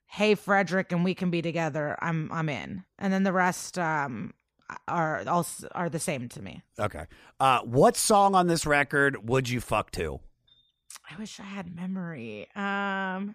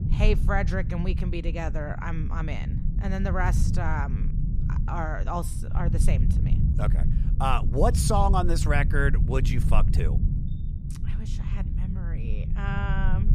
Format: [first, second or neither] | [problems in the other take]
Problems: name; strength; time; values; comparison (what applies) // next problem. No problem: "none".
first | low rumble; noticeable; throughout; 10 dB below the speech